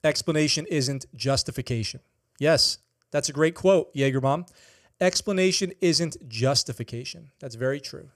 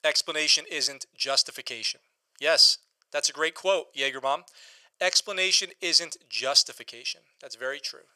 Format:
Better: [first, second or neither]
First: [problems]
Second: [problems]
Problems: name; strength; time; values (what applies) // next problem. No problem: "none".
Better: first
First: none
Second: thin; very; fading below 800 Hz